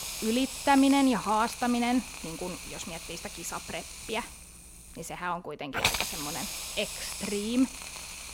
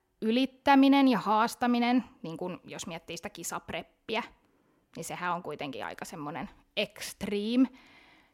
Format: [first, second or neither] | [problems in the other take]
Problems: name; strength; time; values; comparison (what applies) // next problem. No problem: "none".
second | hiss; loud; throughout; 5 dB below the speech